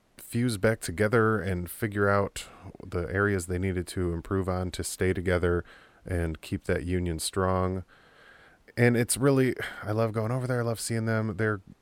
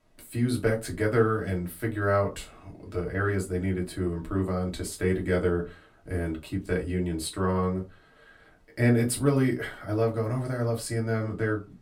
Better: first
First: none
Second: off-mic speech; far // room echo; very slight; dies away in 0.2 s

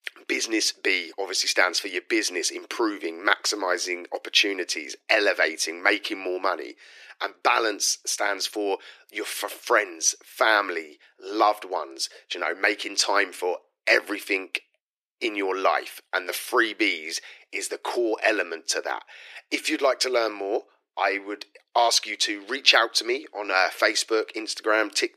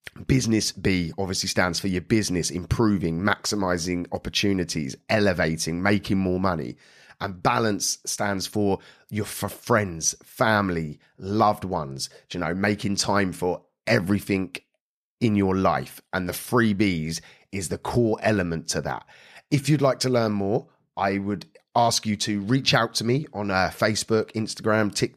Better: second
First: thin; very; fading below 300 Hz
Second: none

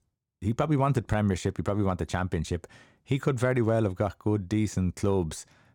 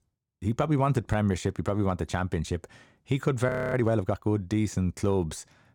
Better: first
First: none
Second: audio freezing; at 3.5 s

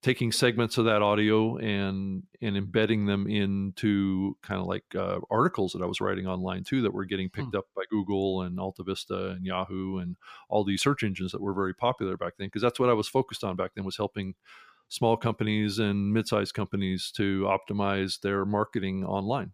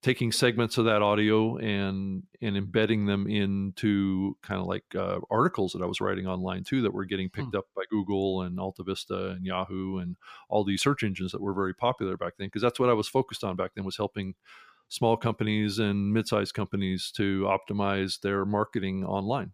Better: neither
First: none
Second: none

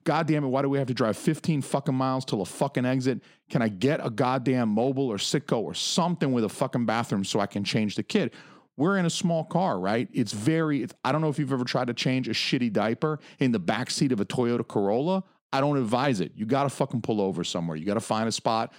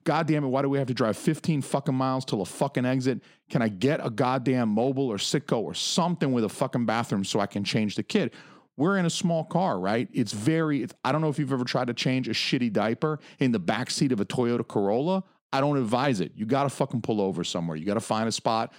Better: neither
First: none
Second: none

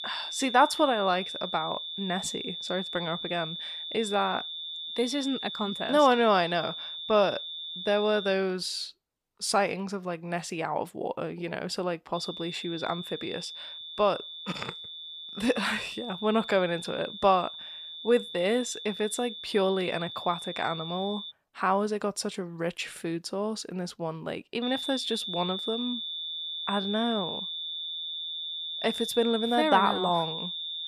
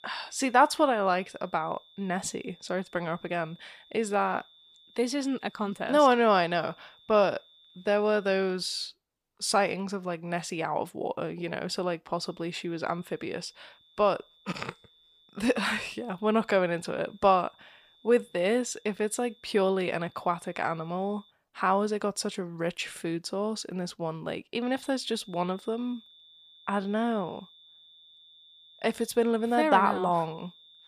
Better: second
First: high-pitched whine; loud; until 8.5 s, from 12 to 21 s and from 25 s on; 3.5 kHz, 6 dB below the speech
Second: high-pitched whine; faint; until 8.5 s, from 12 to 21 s and from 25 s on; 3.5 kHz, 25 dB below the speech

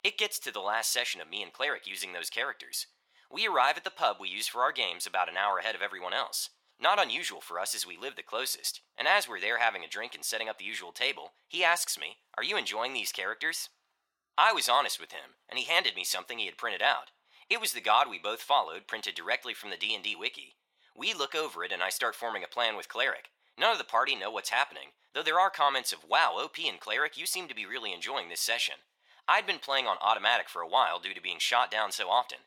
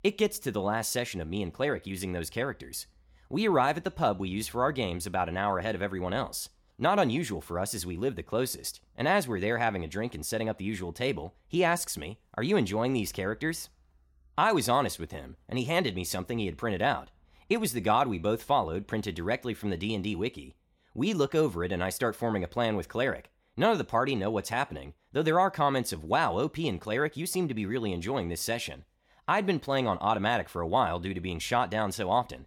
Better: second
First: thin; very; fading below 900 Hz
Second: none

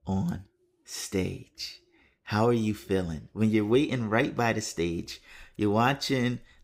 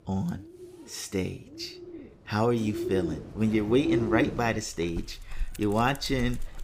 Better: first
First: animal sounds; faint; throughout; 30 dB below the speech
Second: animal sounds; loud; throughout; 5 dB below the speech

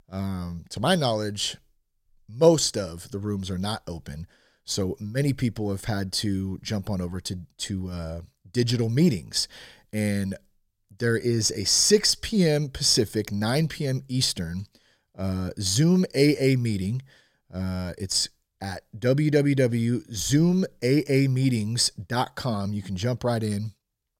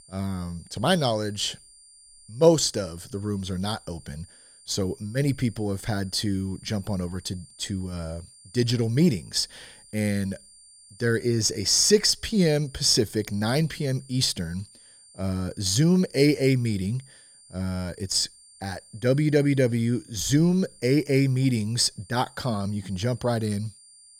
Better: first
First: none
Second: high-pitched whine; faint; throughout; 9 kHz, 25 dB below the speech

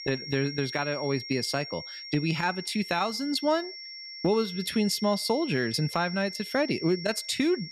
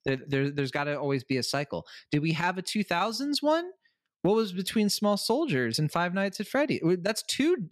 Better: second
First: high-pitched whine; loud; throughout; 5.5 kHz, 10 dB below the speech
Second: none

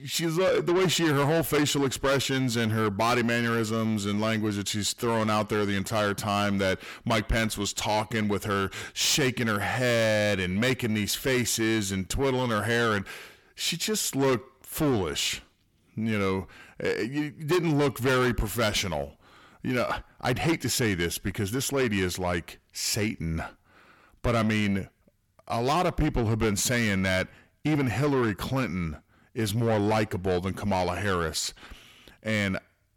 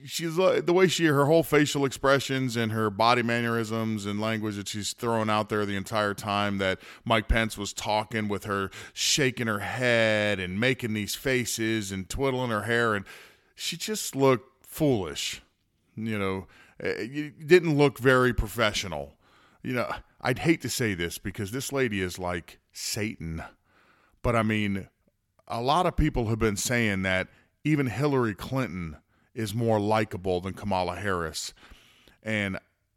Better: second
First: distortion; heavy; 7 dB below the speech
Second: none

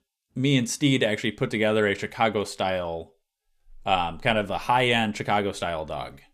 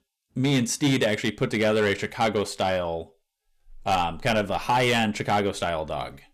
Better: first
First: none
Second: distortion; slight; 6% of the sound clipped

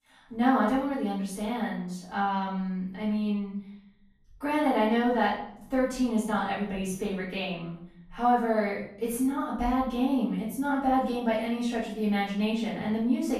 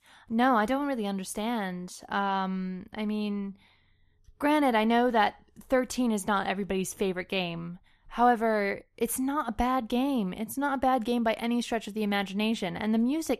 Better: second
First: off-mic speech; far // room echo; noticeable; dies away in 0.6 s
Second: none

